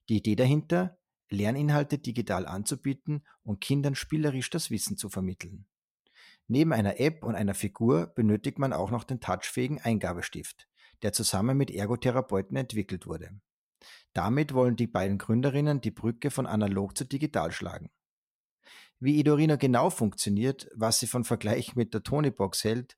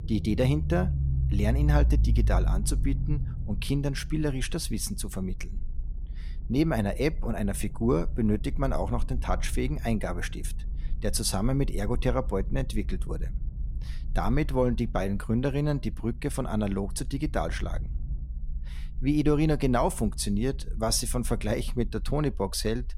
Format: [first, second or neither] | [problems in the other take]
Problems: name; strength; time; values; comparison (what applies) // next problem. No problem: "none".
first | low rumble; noticeable; throughout; 20 dB below the speech